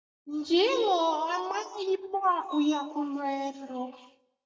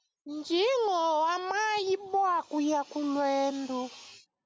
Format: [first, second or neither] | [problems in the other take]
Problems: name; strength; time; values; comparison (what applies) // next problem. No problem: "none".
second | noise reduction (neural mask model DeepFilterNet 3)